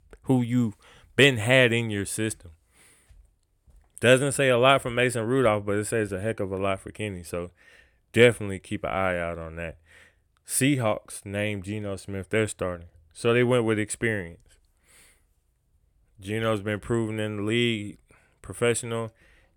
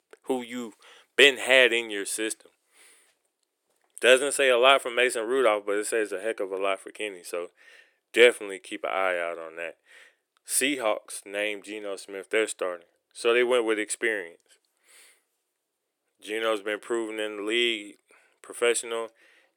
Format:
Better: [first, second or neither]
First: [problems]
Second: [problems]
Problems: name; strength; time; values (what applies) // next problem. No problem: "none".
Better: first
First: none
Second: thin; somewhat; fading below 350 Hz